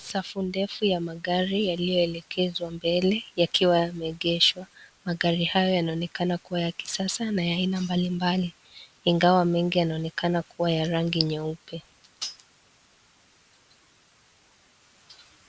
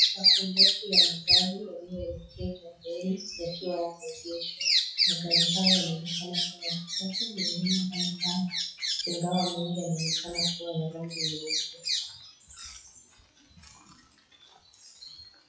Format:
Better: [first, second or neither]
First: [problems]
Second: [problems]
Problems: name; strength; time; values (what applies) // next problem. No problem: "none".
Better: first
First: none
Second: noise reduction (classical method WPE with log-MMSE)